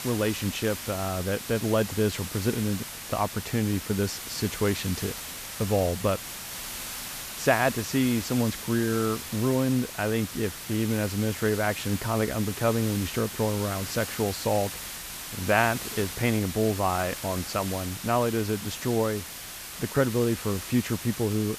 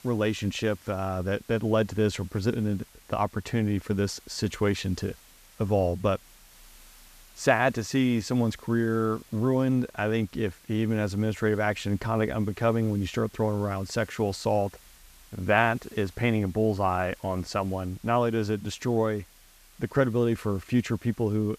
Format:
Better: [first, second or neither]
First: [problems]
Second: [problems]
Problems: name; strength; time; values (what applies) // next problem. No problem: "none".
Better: second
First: hiss; loud; throughout; 8 dB below the speech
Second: hiss; faint; throughout; 25 dB below the speech